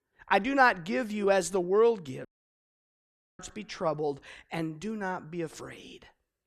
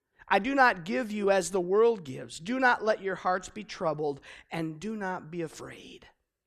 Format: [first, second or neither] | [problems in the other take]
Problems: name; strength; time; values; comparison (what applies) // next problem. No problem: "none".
second | audio cutting out; at 2.5 s for 1 s